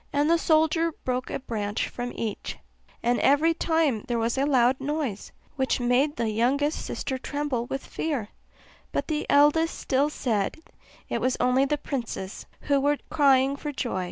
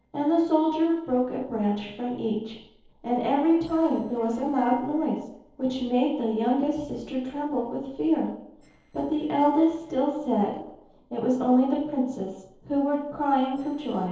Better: first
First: none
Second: noise reduction (neural separator model SepFormer DNS4)

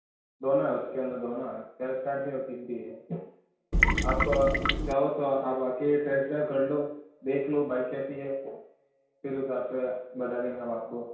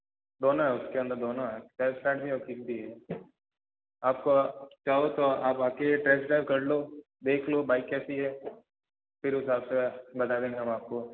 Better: second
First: background sound (Trickle, dribble / Water tap, faucet); 5 dB above the speech // room echo; dies away in 0.6 s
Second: none

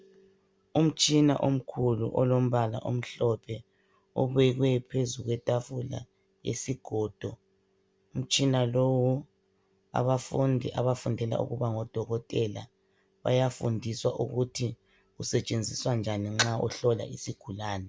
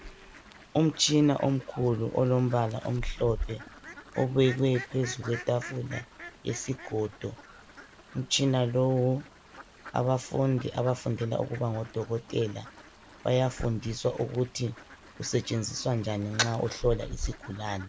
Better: first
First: none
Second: background sound (Fowl); 14 dB below the speech

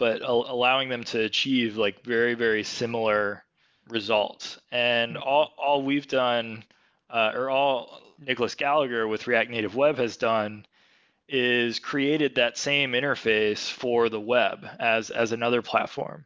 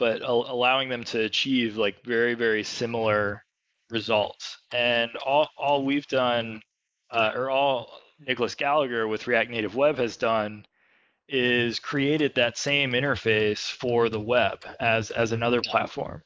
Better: first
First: none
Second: noise reduction (neural mask model Resemble Enhance denoiser)

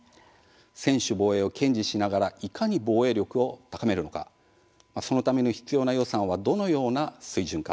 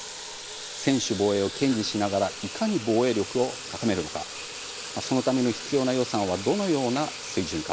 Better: first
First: none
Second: background sound (Sink (filling or washing) / Water tap, faucet); 10 dB below the speech

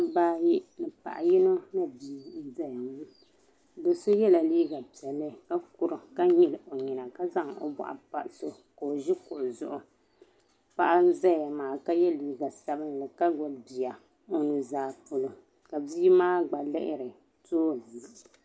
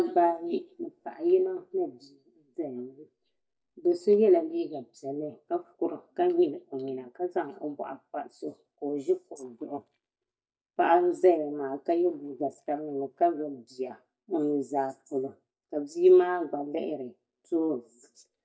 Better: first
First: none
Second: noise reduction (neural mask model DeepFilterNet 3)

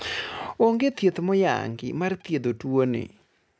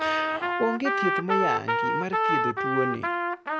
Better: first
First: none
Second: background sound (Trumpet); 4 dB above the speech

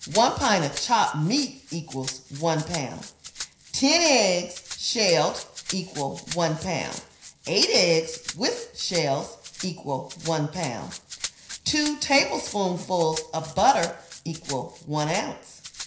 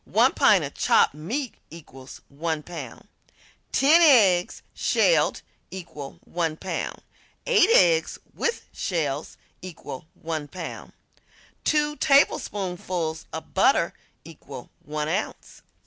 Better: second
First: background sound (Rattle (instrument)); 14 dB below the speech // room echo; dies away in 0.5 s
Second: none

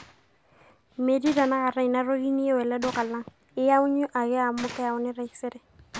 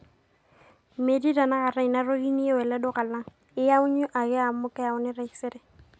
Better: second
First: background sound (Gunshot, gunfire); 19 dB below the speech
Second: none

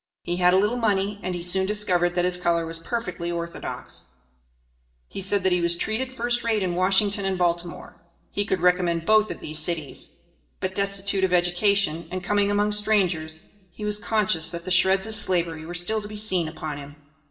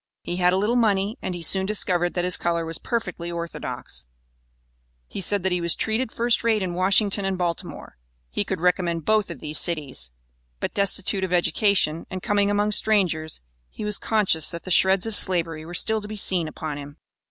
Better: second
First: room echo; dies away in 1.4 s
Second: none

